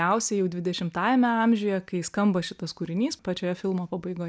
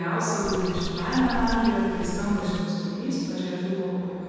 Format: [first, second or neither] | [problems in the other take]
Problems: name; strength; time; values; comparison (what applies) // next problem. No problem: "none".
first | background sound (Bird); 7 dB below the speech // room echo; dies away in 2.1 s